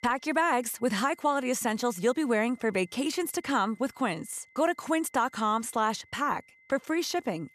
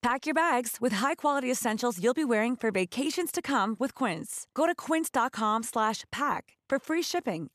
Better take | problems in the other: second | high-pitched whine; faint; throughout; 2 kHz, 30 dB below the speech

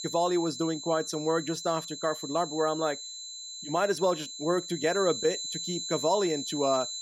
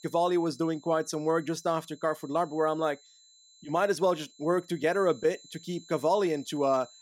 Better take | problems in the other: second | high-pitched whine; loud; throughout; 4 kHz, 7 dB below the speech; faint in the second

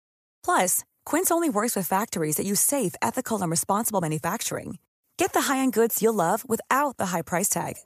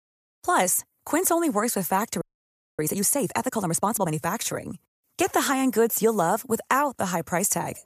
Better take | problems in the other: first | audio freezing; at 2 s for 0.5 s

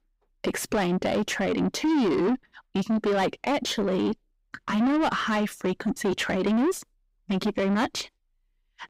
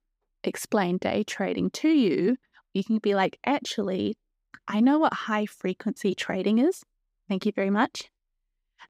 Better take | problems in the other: second | distortion; heavy; 7 dB below the speech

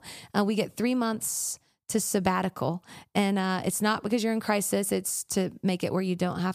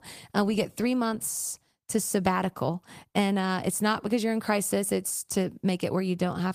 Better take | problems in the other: first | garbled, watery; slightly; nothing above 15 kHz

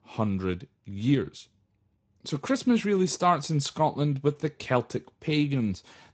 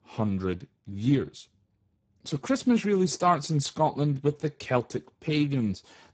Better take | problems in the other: first | garbled, watery; badly; nothing above 8 kHz; slightly in the first

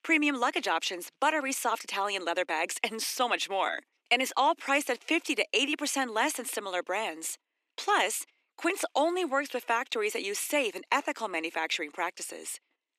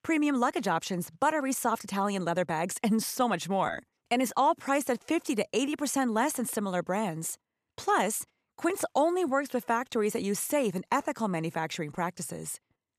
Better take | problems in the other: second | thin; very slightly; fading below 300 Hz

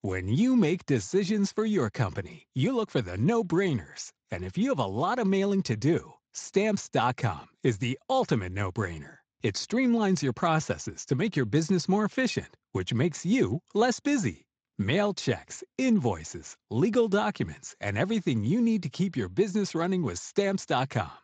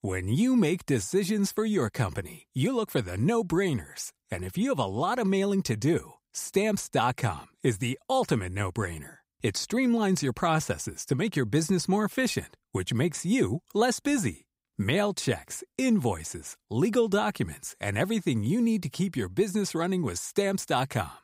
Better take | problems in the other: second | garbled, watery; slightly; nothing above 7.5 kHz

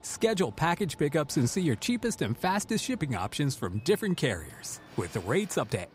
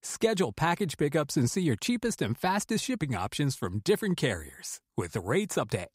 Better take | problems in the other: second | train or aircraft noise; faint; throughout; 20 dB below the speech

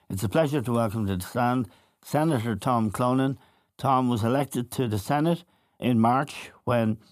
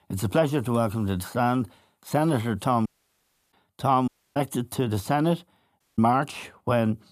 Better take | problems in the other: first | audio cutting out; at 3 s for 0.5 s, at 4 s and at 6 s

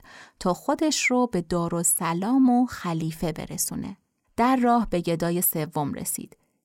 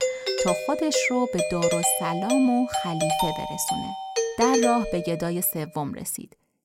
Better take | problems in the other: first | doorbell; loud; until 5 s; peak 3 dB above the speech

